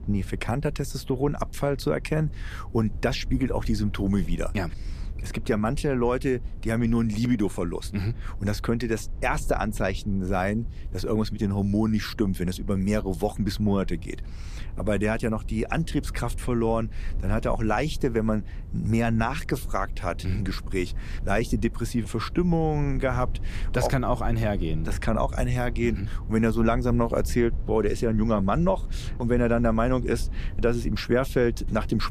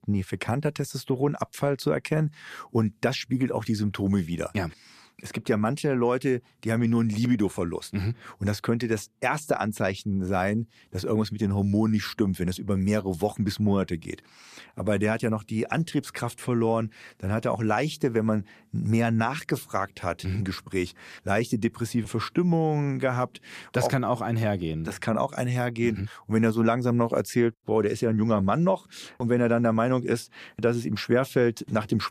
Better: second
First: low rumble; faint; throughout; 25 dB below the speech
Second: none

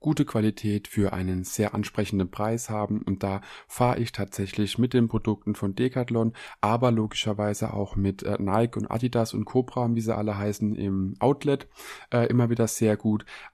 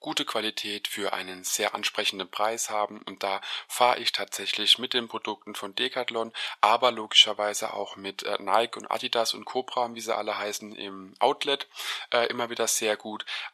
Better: first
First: none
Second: thin; very; fading below 750 Hz

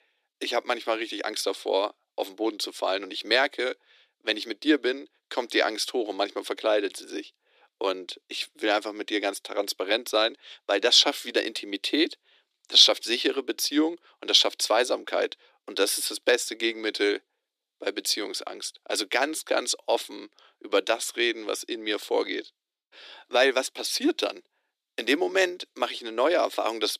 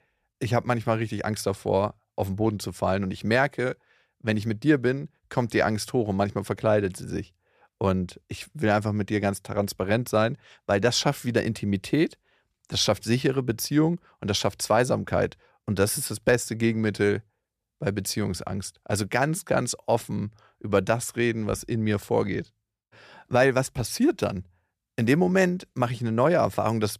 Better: second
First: thin; somewhat; fading below 300 Hz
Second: none

